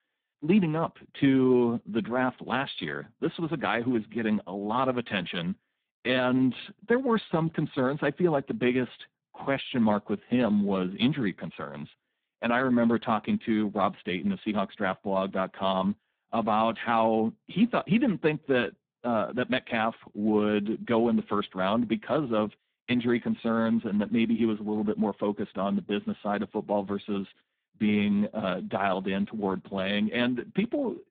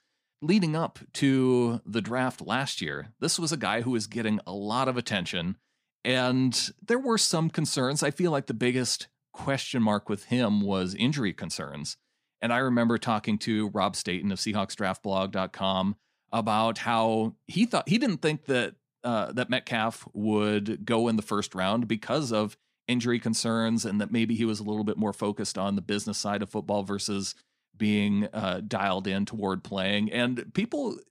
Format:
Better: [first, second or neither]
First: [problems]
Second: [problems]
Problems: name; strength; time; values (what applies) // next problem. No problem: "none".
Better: second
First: phone-call audio; poor line; nothing above 3.5 kHz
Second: none